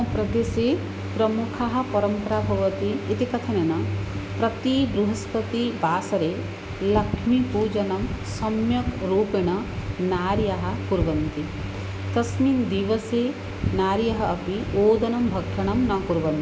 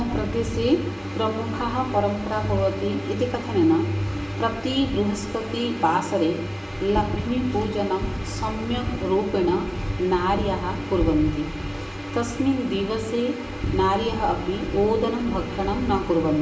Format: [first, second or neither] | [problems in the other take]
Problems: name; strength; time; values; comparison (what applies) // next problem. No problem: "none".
first | room echo; dies away in 1.2 s